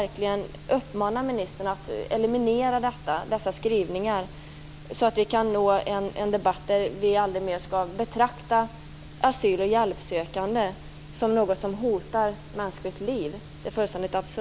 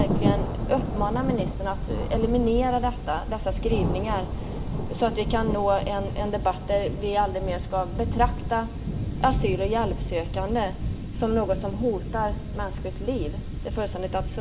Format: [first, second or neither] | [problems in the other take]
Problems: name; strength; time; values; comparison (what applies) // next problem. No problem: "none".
first | background sound (Thunder); 1 dB below the speech // room echo; dies away in 1.3 s